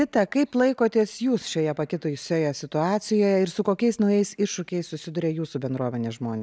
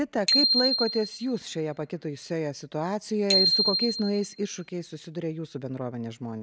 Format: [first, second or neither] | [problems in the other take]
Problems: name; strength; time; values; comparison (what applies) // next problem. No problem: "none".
first | background sound (Bicycle bell); as loud as the speech